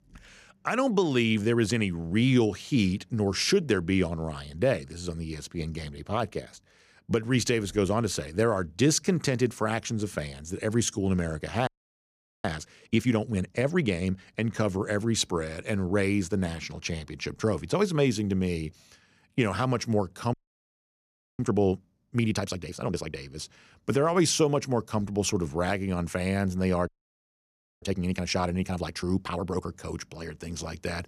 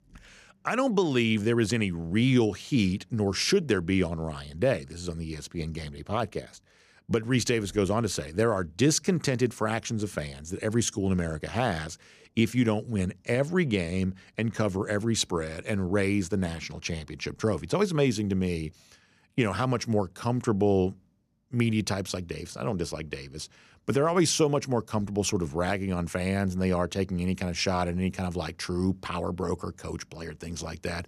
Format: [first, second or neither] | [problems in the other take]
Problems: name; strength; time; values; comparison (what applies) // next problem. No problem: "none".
second | audio freezing; at 12 s for 1 s, at 20 s for 1 s and at 27 s for 1 s